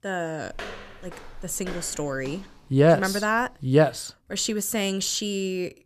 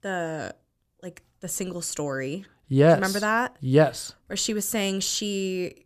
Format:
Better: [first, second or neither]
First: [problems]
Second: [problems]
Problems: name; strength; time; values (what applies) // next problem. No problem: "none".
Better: second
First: footsteps; faint; until 3.5 s; peak 15 dB below the speech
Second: none